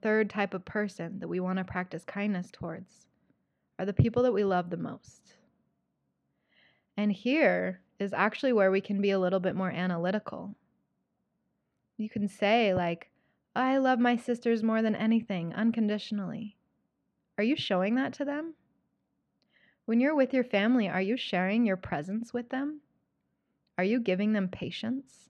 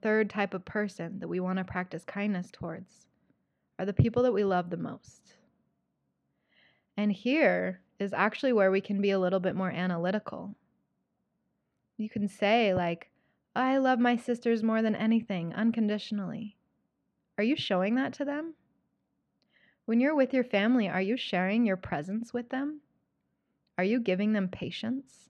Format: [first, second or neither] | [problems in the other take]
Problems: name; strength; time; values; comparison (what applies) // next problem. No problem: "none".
neither | muffled; slightly; fading above 3 kHz; the same in both